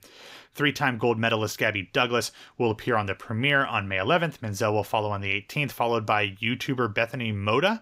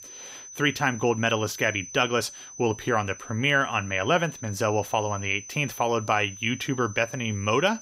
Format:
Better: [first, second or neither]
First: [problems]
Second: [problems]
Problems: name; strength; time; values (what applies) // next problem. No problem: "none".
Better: first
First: none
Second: high-pitched whine; noticeable; throughout; 6 kHz, 15 dB below the speech